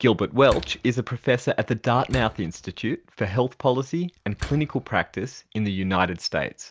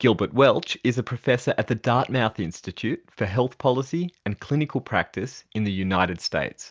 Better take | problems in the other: second | background sound (Slam); 15 dB below the speech

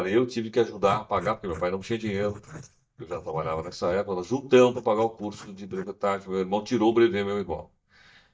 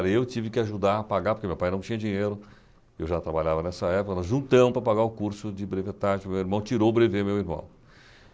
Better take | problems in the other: second | noise reduction (neural mask model DeepFilterNet 3)

